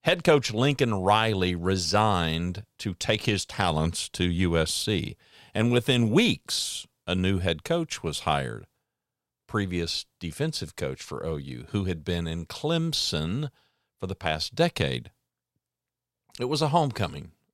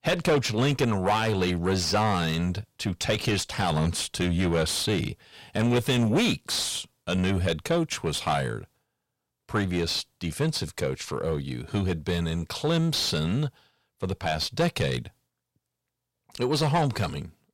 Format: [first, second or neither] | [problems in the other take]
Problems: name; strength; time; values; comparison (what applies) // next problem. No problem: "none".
first | distortion; heavy; 7 dB below the speech